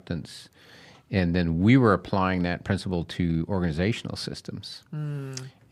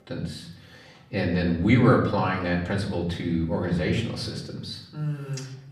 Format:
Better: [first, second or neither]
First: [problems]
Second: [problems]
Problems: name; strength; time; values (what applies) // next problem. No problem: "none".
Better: first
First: none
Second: off-mic speech; far // room echo; slight; dies away in 0.6 s